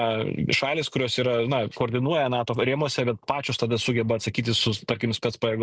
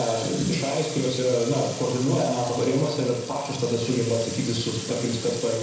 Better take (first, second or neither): first